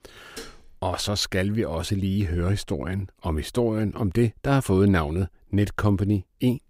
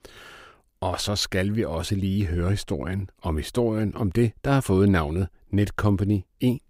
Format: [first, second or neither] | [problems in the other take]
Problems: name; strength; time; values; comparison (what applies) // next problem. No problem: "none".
second | clattering dishes; faint; at 0.5 s; peak 15 dB below the speech